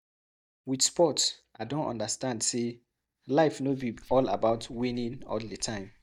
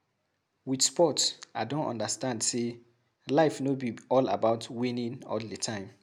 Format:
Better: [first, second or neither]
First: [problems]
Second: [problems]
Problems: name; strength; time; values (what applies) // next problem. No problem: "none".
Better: second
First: noise reduction (neural mask model DeepFilterNet 3)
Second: none